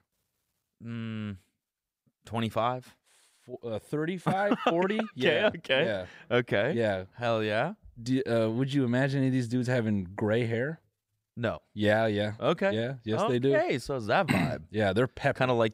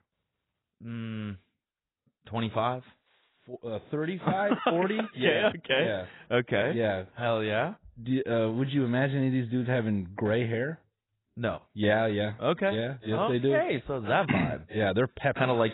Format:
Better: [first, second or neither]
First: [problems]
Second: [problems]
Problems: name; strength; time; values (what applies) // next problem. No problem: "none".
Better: first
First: none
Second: garbled, watery; badly; nothing above 4 kHz